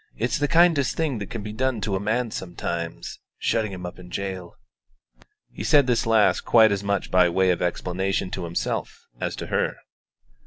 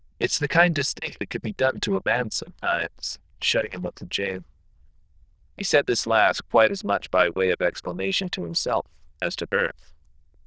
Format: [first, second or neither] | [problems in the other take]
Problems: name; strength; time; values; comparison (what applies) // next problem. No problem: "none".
first | noise reduction (neural diffusion model UNIVERSE++)